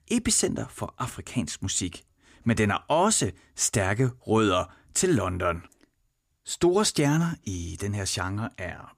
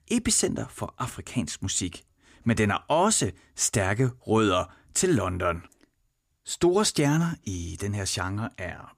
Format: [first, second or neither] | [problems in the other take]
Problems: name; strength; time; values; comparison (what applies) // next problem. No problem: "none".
neither | none